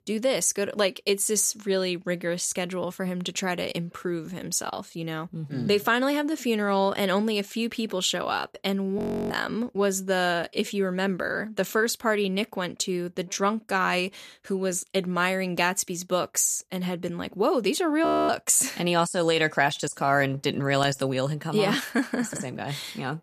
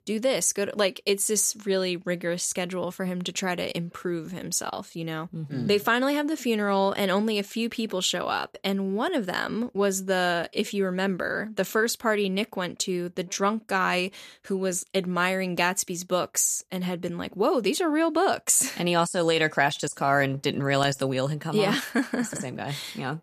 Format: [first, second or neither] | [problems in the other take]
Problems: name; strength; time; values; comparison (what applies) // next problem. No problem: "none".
second | audio freezing; at 9 s and at 18 s